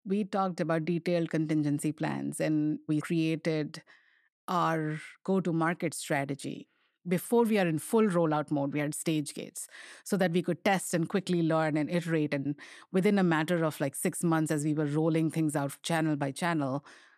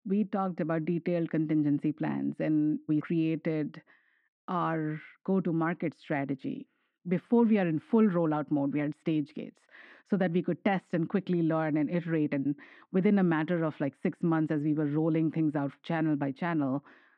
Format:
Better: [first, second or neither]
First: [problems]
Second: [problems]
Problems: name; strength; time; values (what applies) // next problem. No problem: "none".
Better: first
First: none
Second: muffled; very; fading above 2.5 kHz